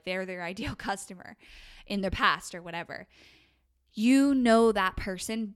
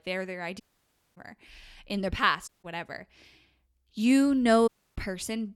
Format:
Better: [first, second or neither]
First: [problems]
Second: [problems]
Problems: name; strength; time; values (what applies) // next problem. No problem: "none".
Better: first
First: none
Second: audio cutting out; at 0.5 s for 0.5 s, at 2.5 s and at 4.5 s